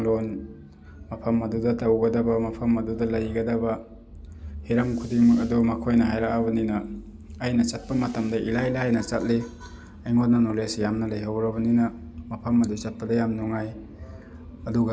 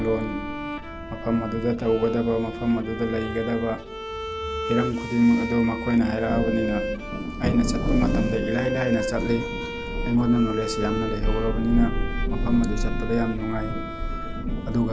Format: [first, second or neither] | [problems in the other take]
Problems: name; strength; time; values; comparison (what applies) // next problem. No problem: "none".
first | background sound (Bowed string instrument + Thunder); 3 dB below the speech